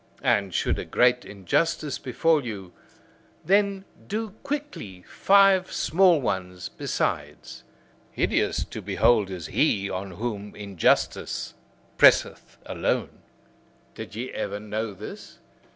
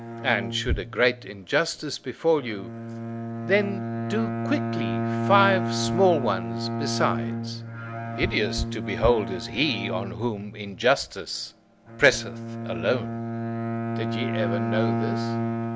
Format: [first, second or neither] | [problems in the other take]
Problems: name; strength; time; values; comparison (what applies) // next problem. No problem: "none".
first | background sound (Bowed string instrument); 3 dB below the speech